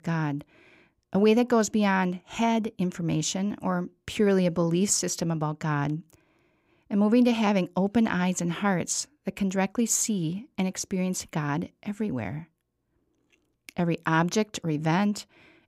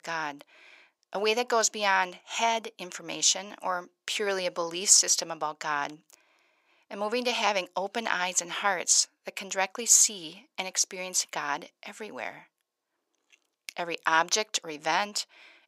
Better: first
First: none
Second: thin; very; fading below 700 Hz

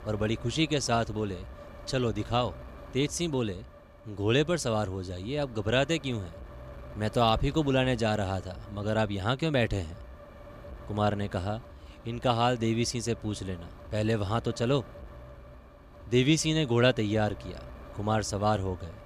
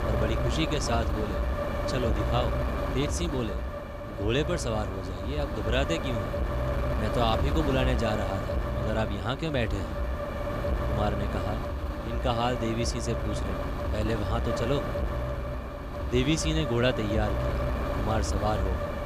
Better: first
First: wind noise on the microphone; occasional gusts; 20 dB below the speech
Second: wind noise on the microphone; heavy; 2 dB below the speech

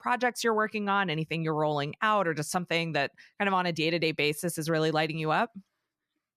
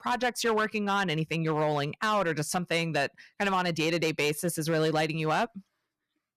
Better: first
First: none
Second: distortion; slight; 7% of the sound clipped

